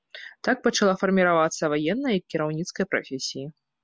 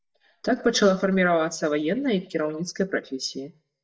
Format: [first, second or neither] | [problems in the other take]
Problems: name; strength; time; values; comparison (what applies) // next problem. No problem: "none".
first | noise reduction (neural mask model DeepFilterNet 3)